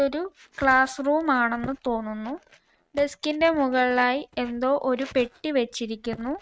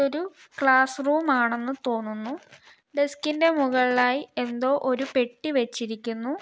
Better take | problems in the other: second | noise reduction (neural mask model RNNoise)

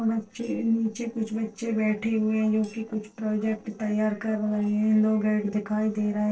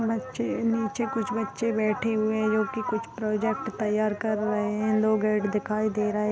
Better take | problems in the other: second | noise reduction (neural separator model SepFormer DNS4)

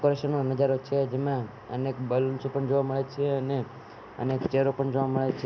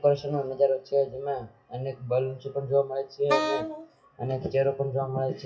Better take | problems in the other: first | noise reduction (classical method WPE with log-MMSE)

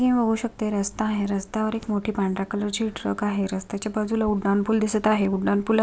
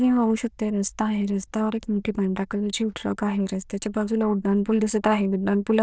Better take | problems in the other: first | noise reduction (neural diffusion model UNIVERSE++)

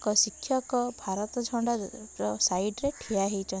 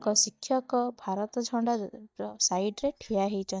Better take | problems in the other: first | noise reduction (neural mask model DeepFilterNet 3)

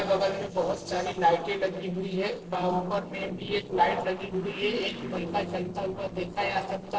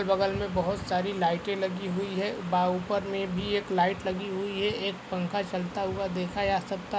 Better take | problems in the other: second | noise reduction (neural separator model SepFormer DNS4)

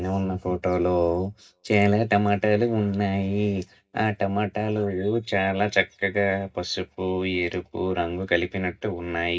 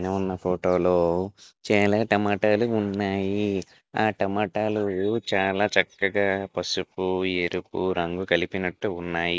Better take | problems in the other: second | room echo; dies away in 0.4 s

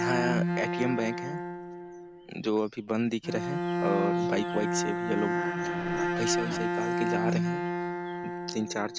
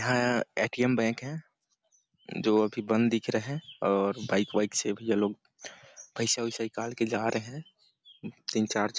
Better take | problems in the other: second | background sound (Bowed string instrument); 2 dB above the speech

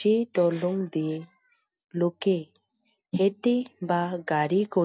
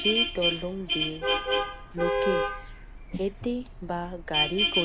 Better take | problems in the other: first | background sound (Vehicle horn, car horn, honking); 3 dB above the speech

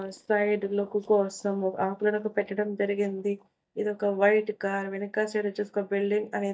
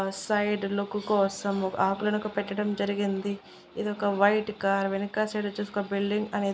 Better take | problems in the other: second | noise reduction (neural mask model DeepFilterNet 3)

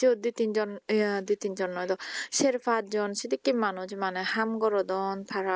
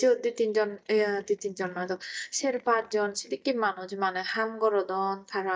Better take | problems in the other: first | noise reduction (neural mask model DeepFilterNet 3)

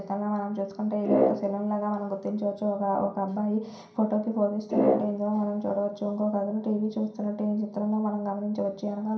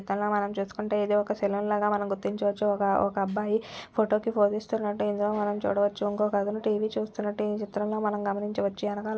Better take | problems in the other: second | background sound (Brass instrument); as loud as the speech // room echo; dies away in 0.5 s

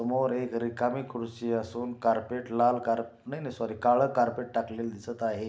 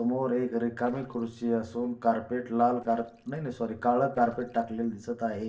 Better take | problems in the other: first | noise reduction (neural separator model SepFormer DNS4)

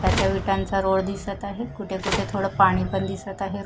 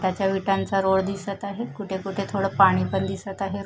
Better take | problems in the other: second | background sound (Fireworks + Telephone); 6 dB below the speech

